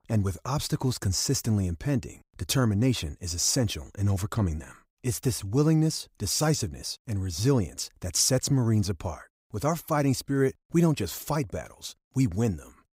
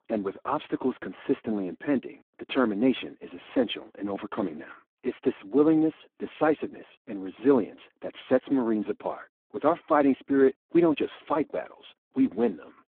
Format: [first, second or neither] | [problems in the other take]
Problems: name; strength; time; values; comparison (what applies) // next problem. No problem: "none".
first | phone-call audio; poor line